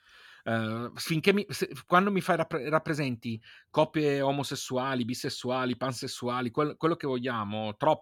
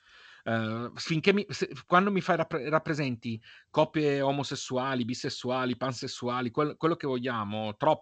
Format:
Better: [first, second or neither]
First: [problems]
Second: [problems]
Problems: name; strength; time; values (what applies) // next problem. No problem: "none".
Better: first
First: none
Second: garbled, watery; slightly; nothing above 7.5 kHz